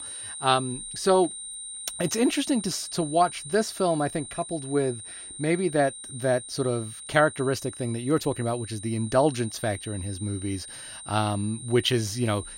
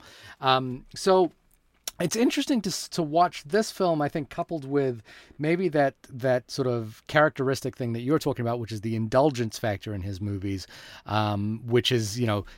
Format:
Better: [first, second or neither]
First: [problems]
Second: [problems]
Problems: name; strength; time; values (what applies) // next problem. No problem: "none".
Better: second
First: high-pitched whine; noticeable; throughout; 9 kHz, 10 dB below the speech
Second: none